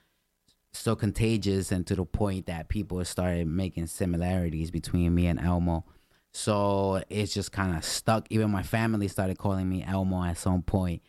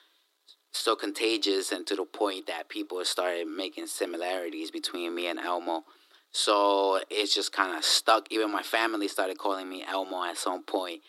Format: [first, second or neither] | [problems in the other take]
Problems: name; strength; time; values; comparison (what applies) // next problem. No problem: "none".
first | thin; very; fading below 300 Hz